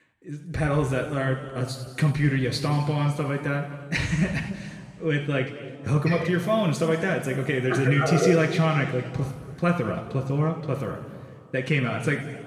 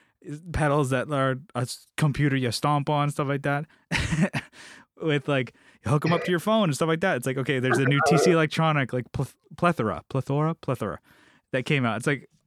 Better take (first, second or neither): second